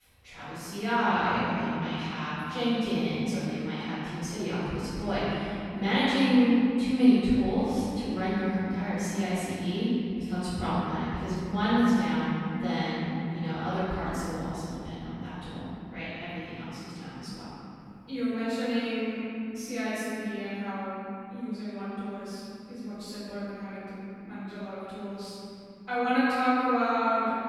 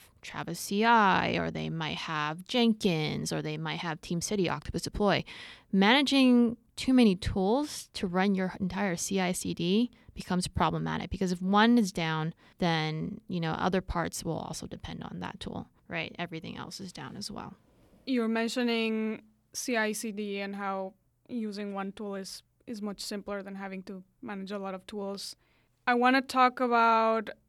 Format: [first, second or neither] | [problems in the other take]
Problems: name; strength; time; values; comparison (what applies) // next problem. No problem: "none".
second | off-mic speech; far // room echo; strong; dies away in 3 s